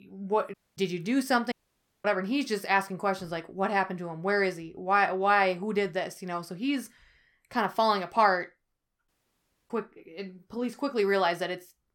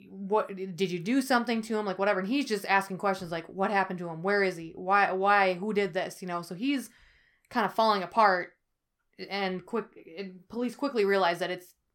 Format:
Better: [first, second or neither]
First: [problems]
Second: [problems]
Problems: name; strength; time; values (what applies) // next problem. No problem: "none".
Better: second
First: audio cutting out; at 0.5 s, at 1.5 s for 0.5 s and at 9 s for 0.5 s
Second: none